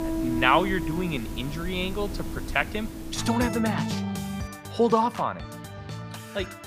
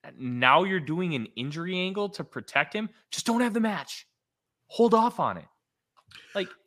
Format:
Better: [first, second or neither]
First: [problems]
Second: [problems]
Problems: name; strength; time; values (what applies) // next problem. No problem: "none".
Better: second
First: background music; loud; throughout; 6 dB below the speech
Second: none